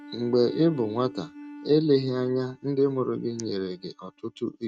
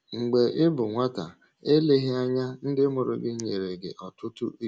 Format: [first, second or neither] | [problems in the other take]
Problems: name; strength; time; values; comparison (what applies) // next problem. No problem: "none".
second | noise reduction (neural mask model RNNoise)